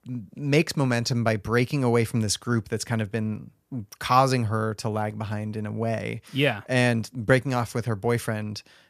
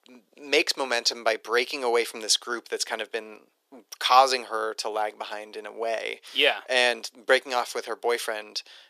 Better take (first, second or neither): first